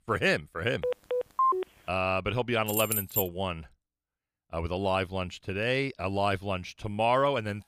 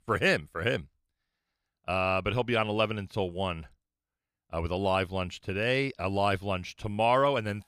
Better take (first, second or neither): second